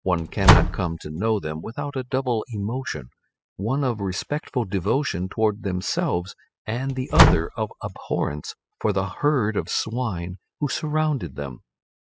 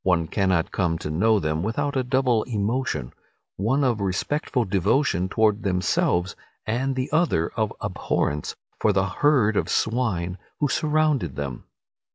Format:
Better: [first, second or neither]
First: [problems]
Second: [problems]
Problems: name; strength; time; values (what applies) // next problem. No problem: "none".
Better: second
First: noise reduction (classical method spectral subtraction)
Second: none